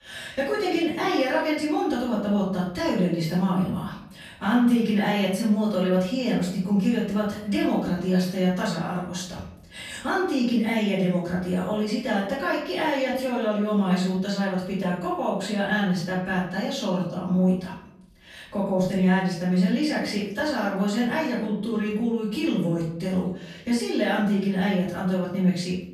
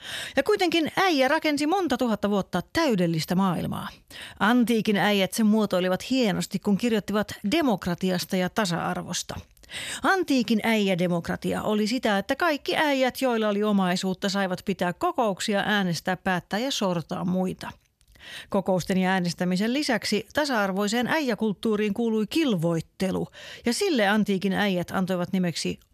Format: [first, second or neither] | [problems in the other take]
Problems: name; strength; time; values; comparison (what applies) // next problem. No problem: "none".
second | off-mic speech; far // room echo; noticeable; dies away in 0.7 s